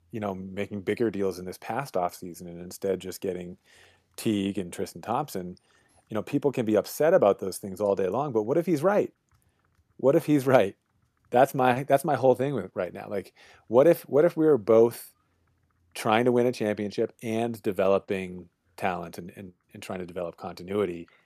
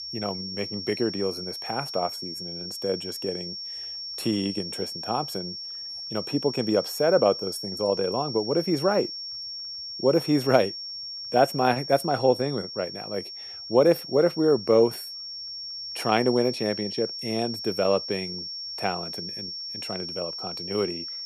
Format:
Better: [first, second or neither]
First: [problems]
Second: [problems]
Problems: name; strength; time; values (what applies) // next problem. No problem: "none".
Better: first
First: none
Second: high-pitched whine; loud; throughout; 5.5 kHz, 7 dB below the speech